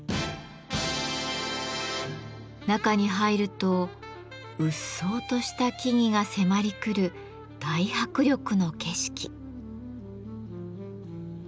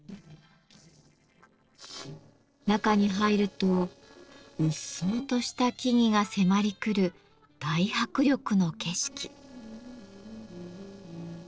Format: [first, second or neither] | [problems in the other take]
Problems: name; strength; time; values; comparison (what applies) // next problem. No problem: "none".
first | noise reduction (neural separator model SepFormer DNS4)